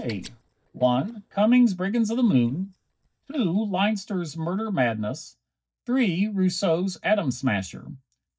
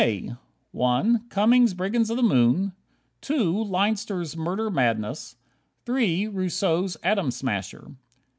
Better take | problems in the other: second | noise reduction (neural mask model DeepFilterNet 3)

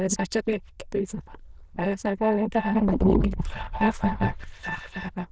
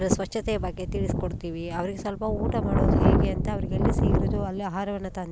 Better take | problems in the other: second | noise reduction (neural diffusion model UNIVERSE++)

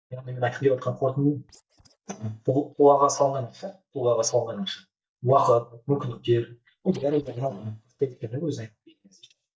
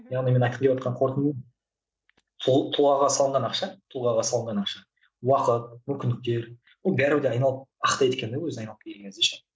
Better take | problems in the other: second | noise reduction (neural mask model DeepFilterNet 3)

